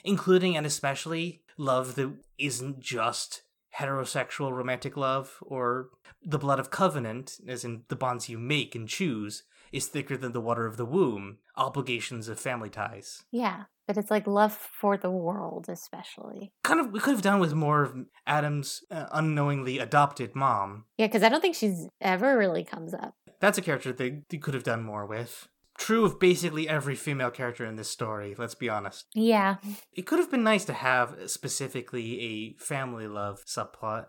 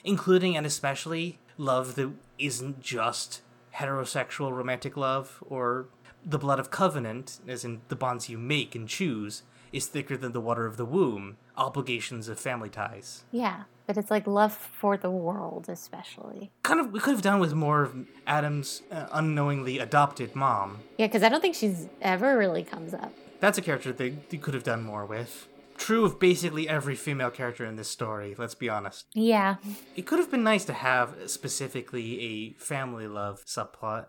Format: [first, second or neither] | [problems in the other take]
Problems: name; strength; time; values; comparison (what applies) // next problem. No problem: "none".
first | machinery noise; faint; throughout; 25 dB below the speech